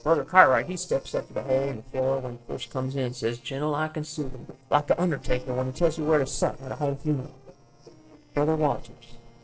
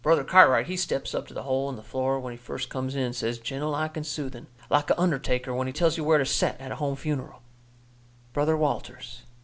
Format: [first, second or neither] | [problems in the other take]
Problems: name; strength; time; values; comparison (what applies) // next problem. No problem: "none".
second | noise reduction (neural separator model SepFormer DNS4)